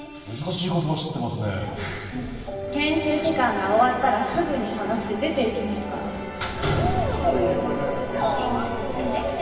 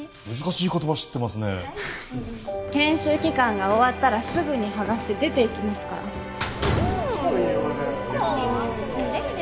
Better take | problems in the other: second | room echo; dies away in 2.5 s

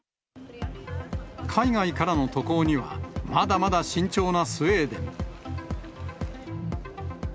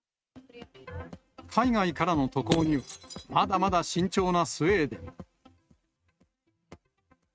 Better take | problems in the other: first | noise reduction (neural mask model RNNoise)

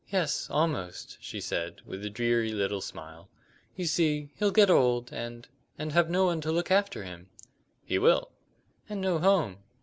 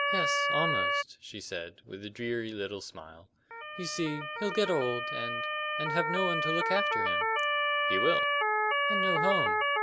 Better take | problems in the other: first | background sound (Motor vehicle (road) / Siren); 4 dB above the speech

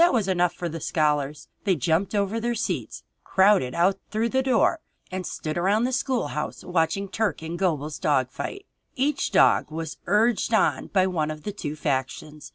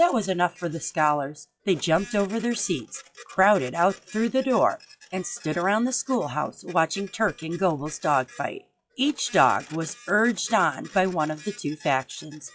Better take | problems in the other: first | noise reduction (classical method log-MMSE)

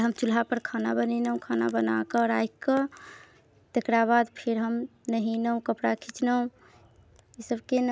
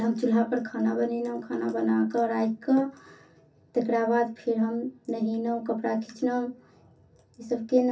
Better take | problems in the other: first | room echo; dies away in 0.3 s

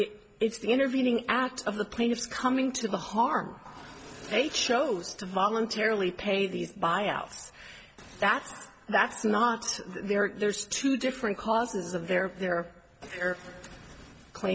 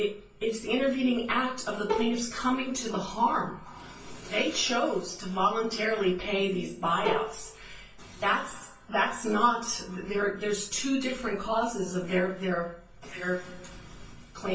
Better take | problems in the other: first | background sound (Bowed string instrument); 5 dB below the speech // room echo; dies away in 0.3 s

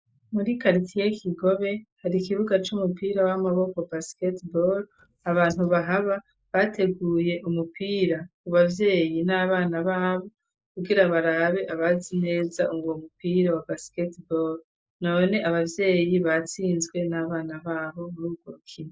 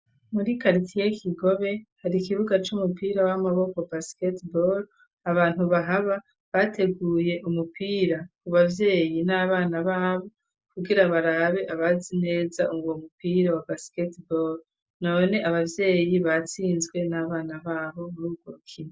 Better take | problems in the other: second | noise reduction (neural mask model Resemble Enhance denoiser)

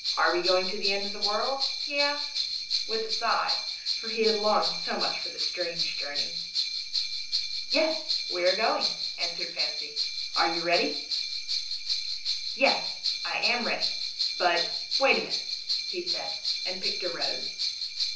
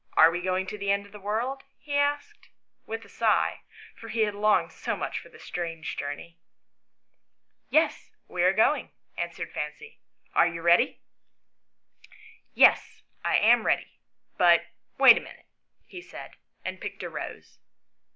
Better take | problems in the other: second | background sound (Bell); as loud as the speech // room echo; dies away in 0.7 s

